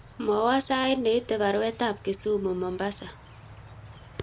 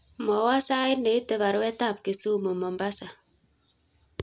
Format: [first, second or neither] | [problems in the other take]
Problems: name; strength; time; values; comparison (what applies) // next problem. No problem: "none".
second | background sound (Insect); 20 dB below the speech